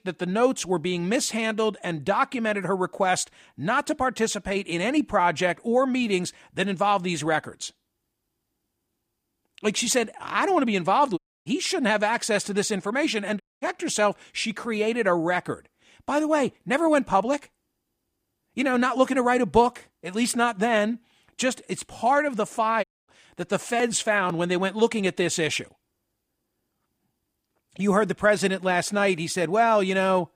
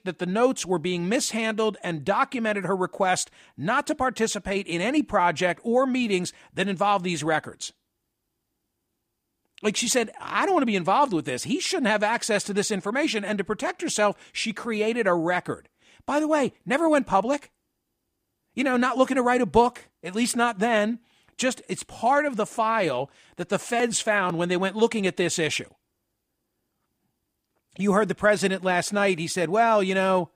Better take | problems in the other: second | audio cutting out; at 11 s, at 13 s and at 23 s

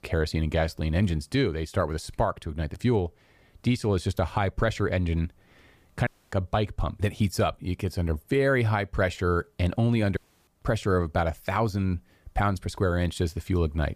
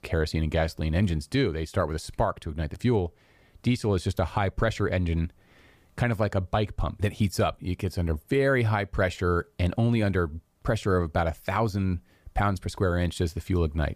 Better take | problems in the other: second | audio cutting out; at 6 s and at 10 s

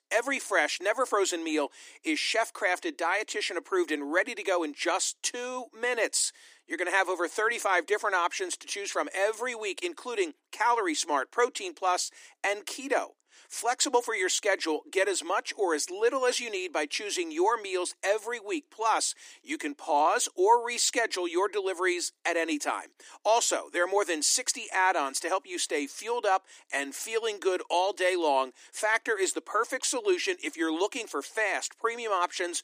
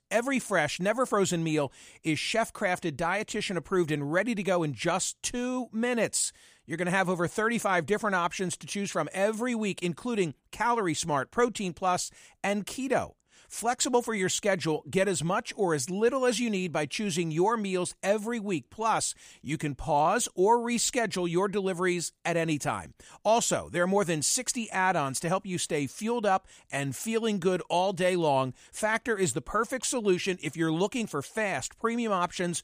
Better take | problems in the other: second | thin; somewhat; fading below 300 Hz

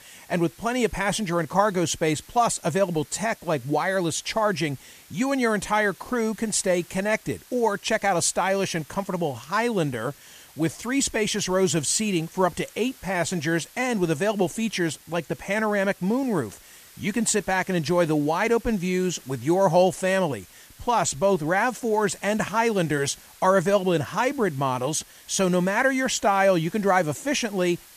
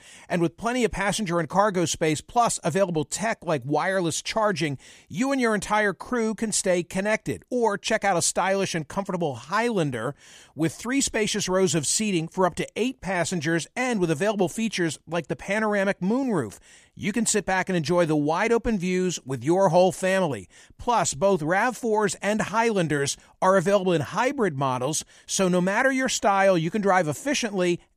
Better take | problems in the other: second | hiss; faint; throughout; 25 dB below the speech

